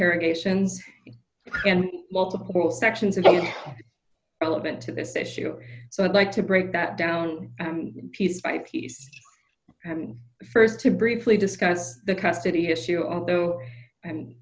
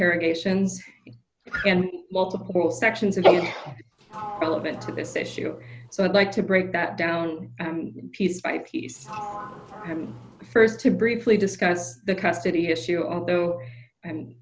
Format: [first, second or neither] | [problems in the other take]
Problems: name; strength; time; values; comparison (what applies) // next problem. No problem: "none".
first | background sound (Sliding door); 15 dB below the speech